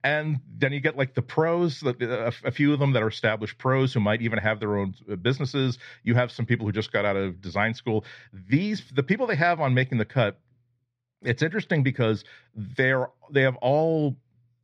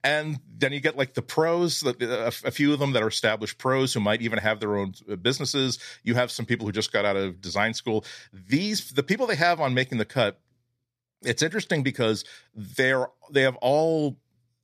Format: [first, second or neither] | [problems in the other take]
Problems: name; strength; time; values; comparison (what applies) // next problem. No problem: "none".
second | muffled; slightly; fading above 2.5 kHz